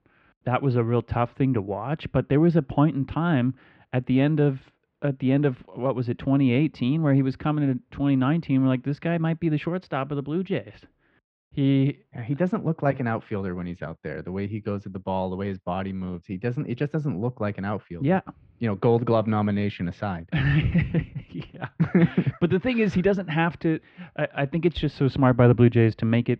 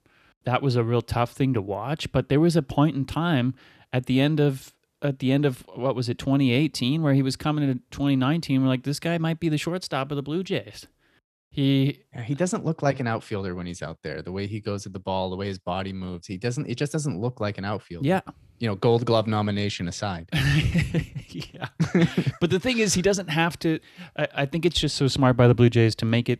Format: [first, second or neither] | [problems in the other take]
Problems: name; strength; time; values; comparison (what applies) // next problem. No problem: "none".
second | muffled; very; fading above 2.5 kHz